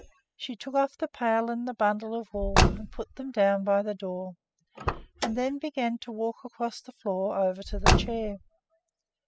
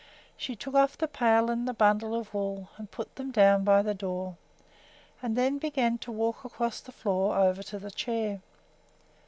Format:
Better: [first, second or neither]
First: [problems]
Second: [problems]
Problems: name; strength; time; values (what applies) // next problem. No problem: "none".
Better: second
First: noise reduction (classical method spectral subtraction)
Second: none